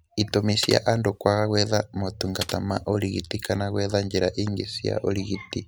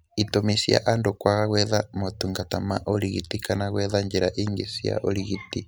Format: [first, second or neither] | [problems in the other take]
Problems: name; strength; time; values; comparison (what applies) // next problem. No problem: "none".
second | background sound (Computer keyboard); 14 dB below the speech